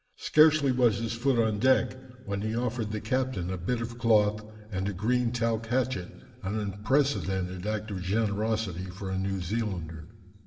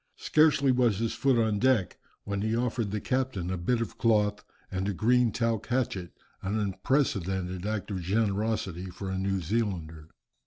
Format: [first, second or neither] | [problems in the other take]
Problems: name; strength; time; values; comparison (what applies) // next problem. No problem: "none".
second | room echo; dies away in 2.1 s